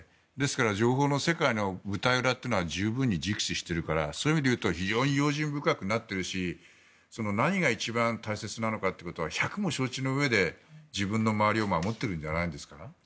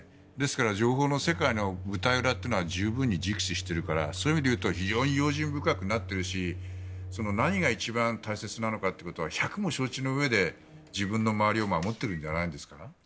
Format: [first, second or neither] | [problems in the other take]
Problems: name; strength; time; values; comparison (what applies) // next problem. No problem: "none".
first | background sound (Microwave oven); 12 dB below the speech